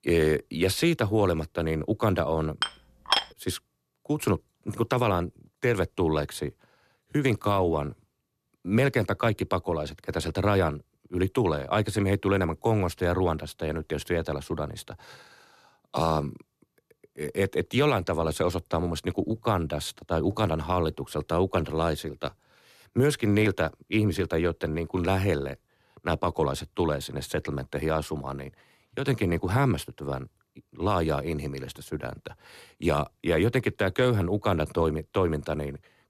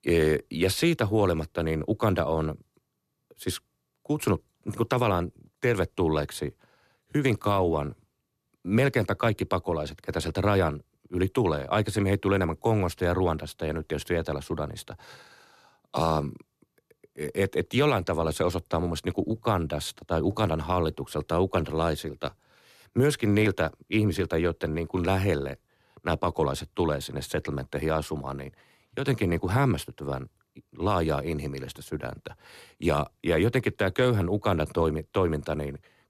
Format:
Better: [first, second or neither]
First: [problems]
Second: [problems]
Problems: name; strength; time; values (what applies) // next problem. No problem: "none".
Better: second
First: clattering dishes; loud; at 2.5 s; peak 2 dB above the speech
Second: none